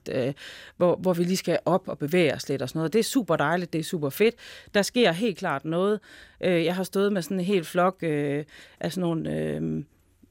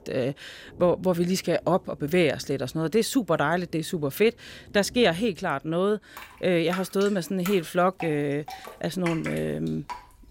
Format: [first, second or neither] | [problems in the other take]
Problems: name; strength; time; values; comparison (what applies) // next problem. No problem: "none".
first | rain or running water; noticeable; throughout; 15 dB below the speech